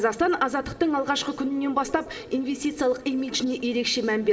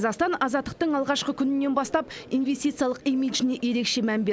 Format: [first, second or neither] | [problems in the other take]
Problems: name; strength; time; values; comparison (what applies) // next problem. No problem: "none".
second | room echo; dies away in 1.2 s